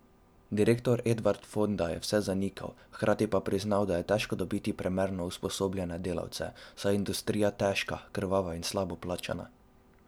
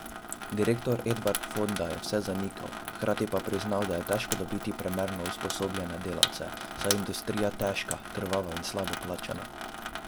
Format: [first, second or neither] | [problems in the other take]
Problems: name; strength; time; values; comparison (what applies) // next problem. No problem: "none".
first | background sound (Sink (filling or washing) / Water tap, faucet); 5 dB below the speech